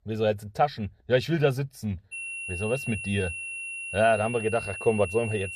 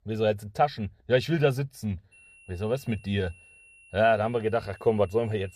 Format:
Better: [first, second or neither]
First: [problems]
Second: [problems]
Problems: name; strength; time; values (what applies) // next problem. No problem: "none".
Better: second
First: high-pitched whine; loud; from 2 s on; 2.5 kHz, 7 dB below the speech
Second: high-pitched whine; faint; from 2 s on; 2.5 kHz, 25 dB below the speech